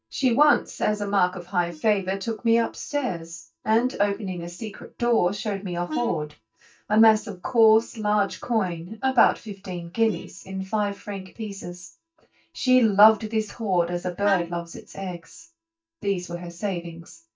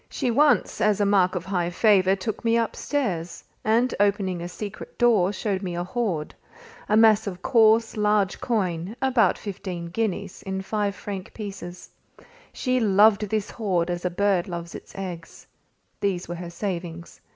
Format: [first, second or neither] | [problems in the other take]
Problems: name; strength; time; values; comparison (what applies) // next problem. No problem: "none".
second | noise reduction (neural mask model DeepFilterNet 3)